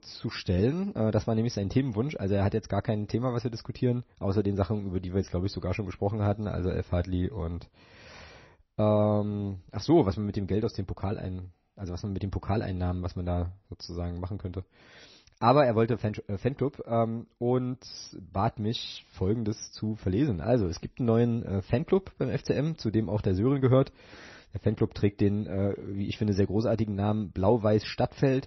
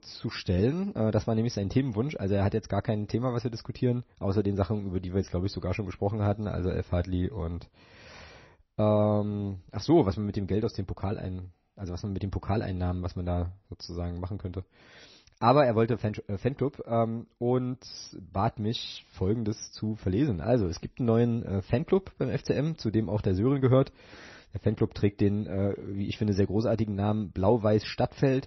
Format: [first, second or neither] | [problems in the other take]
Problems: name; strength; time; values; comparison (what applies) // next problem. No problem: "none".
neither | garbled, watery; slightly; nothing above 6 kHz; the same in both